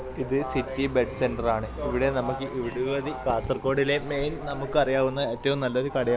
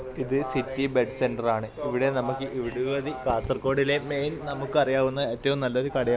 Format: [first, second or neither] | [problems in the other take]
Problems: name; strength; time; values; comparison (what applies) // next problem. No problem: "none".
second | background sound (Motorcycle / Dog); 14 dB below the speech